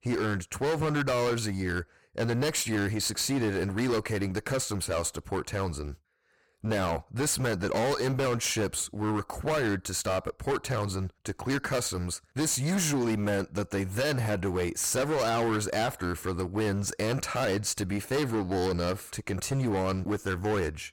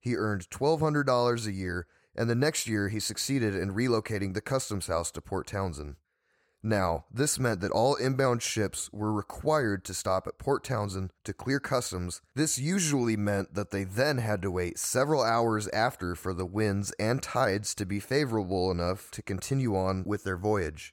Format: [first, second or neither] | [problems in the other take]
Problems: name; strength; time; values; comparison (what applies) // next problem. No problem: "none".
second | distortion; heavy; 18% of the sound clipped